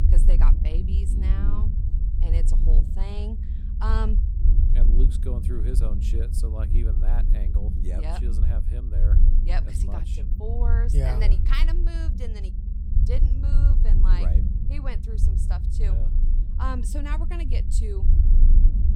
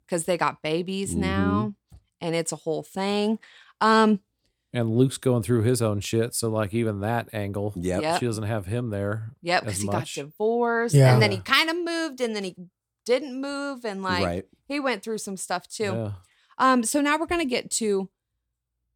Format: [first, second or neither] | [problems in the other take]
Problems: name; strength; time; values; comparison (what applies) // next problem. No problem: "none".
second | low rumble; loud; throughout; 4 dB below the speech